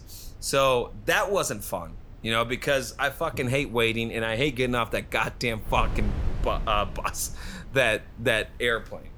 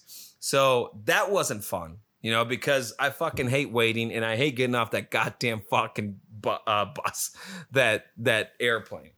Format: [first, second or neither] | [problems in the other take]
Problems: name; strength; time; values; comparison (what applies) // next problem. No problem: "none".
second | wind noise on the microphone; occasional gusts; 25 dB below the speech